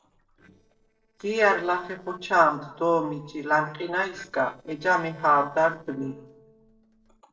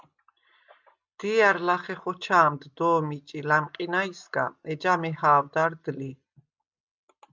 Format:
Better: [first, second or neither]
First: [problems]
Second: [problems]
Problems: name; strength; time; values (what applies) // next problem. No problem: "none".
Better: second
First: noise reduction (neural separator model SepFormer DNS4)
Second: none